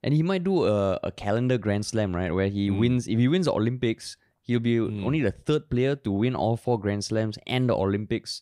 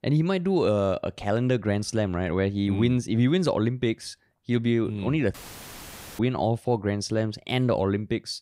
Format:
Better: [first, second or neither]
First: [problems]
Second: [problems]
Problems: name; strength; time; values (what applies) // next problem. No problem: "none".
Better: first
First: none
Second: audio cutting out; filled with static; at 5.5 s for 1 s